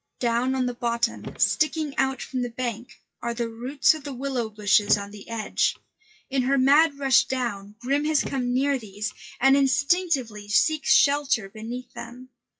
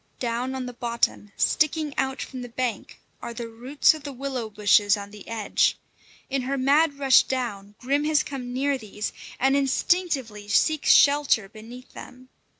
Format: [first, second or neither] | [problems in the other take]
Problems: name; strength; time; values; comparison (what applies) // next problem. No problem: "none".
second | noise reduction (classical method WPE with log-MMSE)